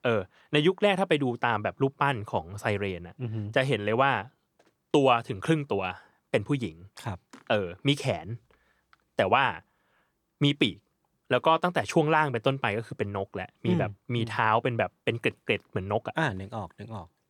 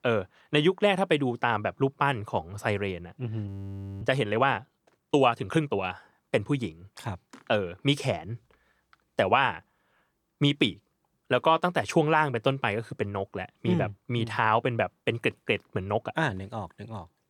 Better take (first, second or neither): first